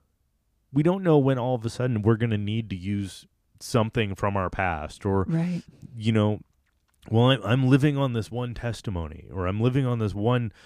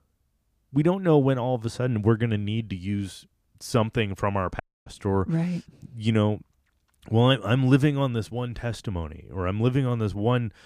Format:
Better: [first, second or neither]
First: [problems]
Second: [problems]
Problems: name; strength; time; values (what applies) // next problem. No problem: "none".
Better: first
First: none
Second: audio cutting out; at 4.5 s